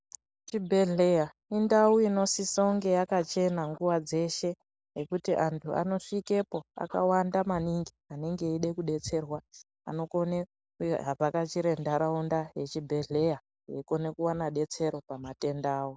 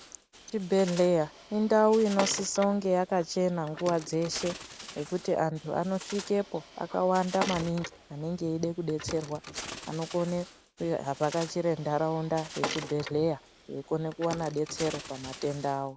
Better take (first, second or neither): first